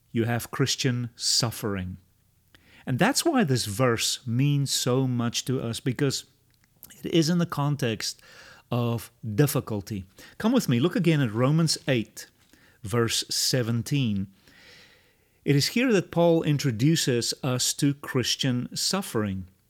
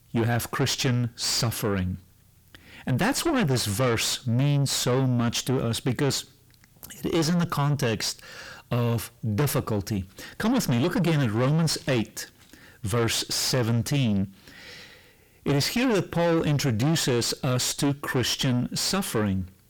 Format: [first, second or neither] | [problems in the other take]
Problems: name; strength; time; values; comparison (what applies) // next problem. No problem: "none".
first | distortion; heavy; 6 dB below the speech